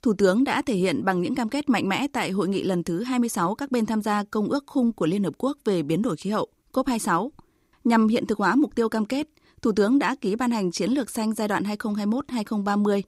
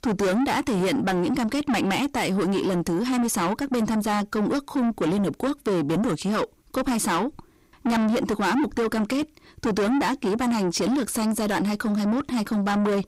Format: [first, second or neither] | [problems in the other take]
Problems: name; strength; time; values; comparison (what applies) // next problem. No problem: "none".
first | distortion; heavy; 7 dB below the speech